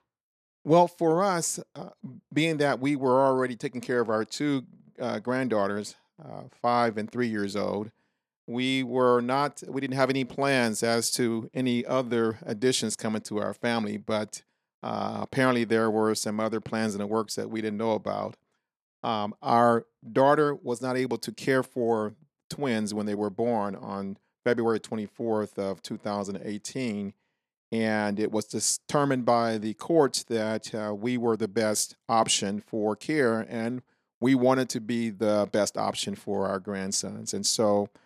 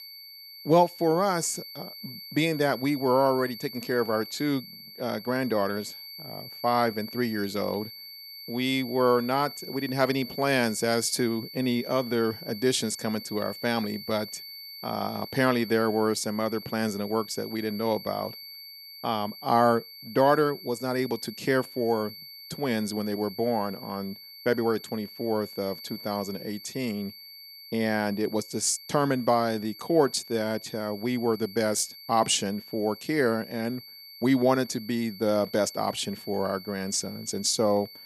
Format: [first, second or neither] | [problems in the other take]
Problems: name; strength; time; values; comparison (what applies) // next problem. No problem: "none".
first | high-pitched whine; noticeable; throughout; 4.5 kHz, 15 dB below the speech